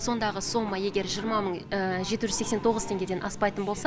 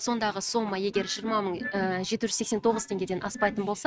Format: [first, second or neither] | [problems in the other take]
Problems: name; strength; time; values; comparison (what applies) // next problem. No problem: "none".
first | noise reduction (neural mask model RNNoise)